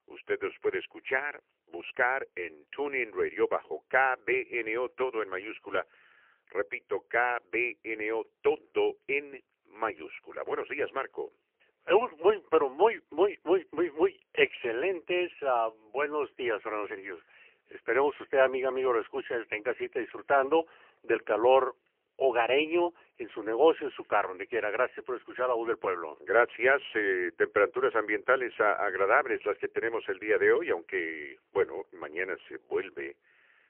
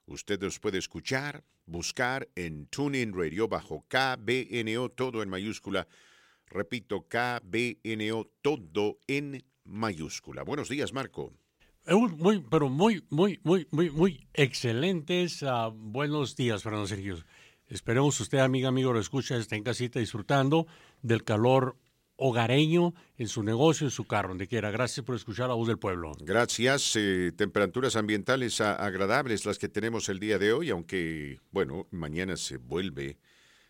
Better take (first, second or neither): second